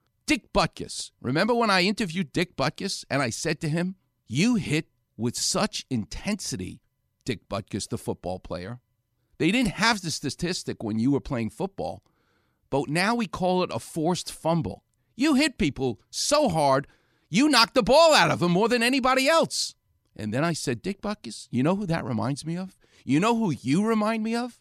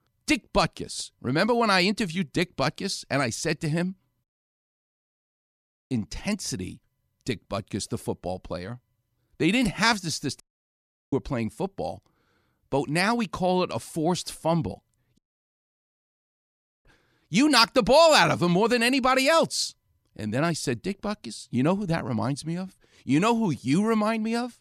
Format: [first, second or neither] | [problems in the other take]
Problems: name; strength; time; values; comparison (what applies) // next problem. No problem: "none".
first | audio cutting out; at 4 s for 1.5 s, at 10 s for 0.5 s and at 15 s for 1.5 s